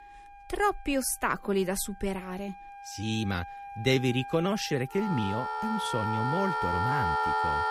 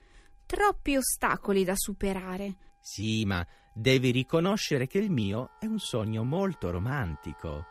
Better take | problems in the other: second | background music; loud; throughout; 2 dB below the speech; faint in the second

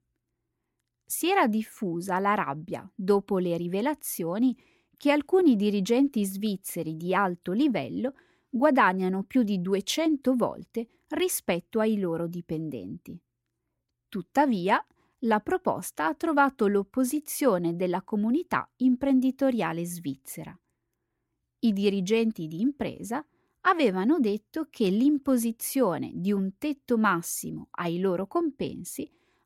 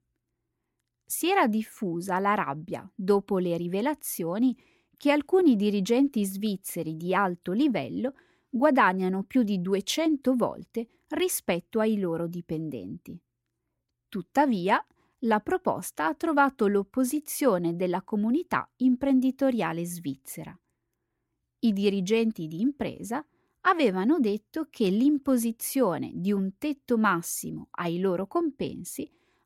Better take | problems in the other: neither | none

